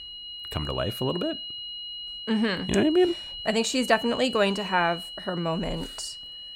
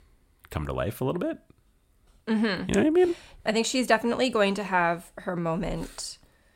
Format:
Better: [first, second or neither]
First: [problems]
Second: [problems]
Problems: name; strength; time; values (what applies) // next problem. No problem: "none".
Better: second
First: high-pitched whine; loud; throughout; 3 kHz, 9 dB below the speech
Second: none